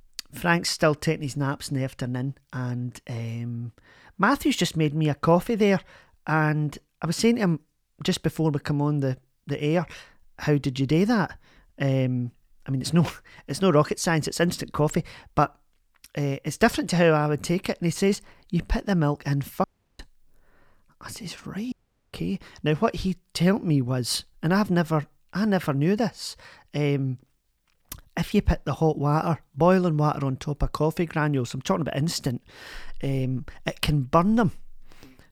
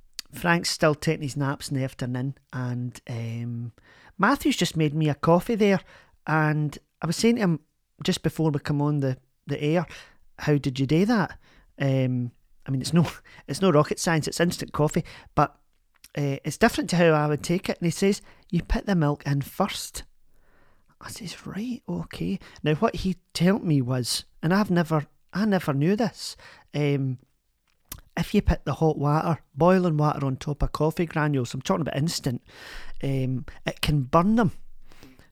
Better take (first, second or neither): second